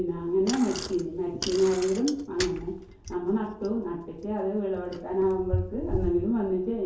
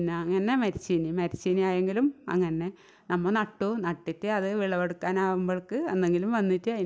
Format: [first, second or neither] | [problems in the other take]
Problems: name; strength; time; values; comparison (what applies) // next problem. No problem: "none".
second | background sound (Bicycle); 9 dB below the speech // room echo; dies away in 2.4 s